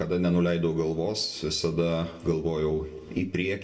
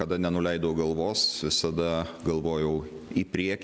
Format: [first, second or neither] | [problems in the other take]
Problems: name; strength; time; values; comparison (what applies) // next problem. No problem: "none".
second | room echo; dies away in 0.2 s